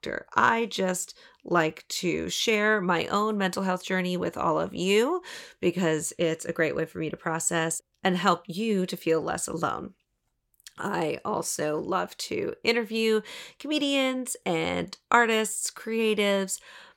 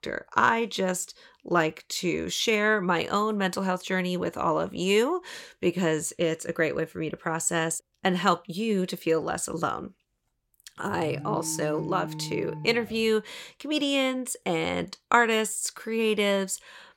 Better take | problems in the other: first | alarm; noticeable; from 11 to 13 s; peak 9 dB below the speech

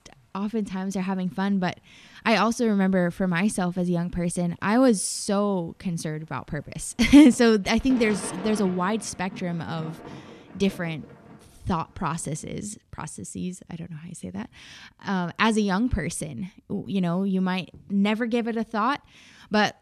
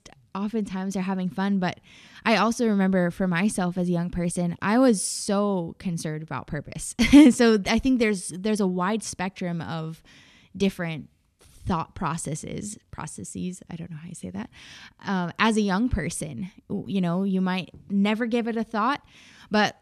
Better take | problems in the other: second | rain or running water; noticeable; until 13 s; 15 dB below the speech

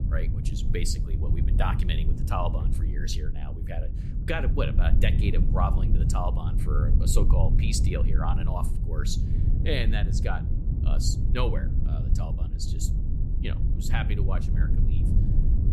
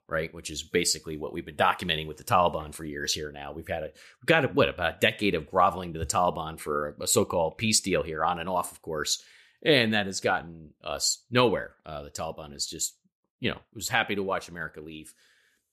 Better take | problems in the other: second | low rumble; loud; throughout; 7 dB below the speech

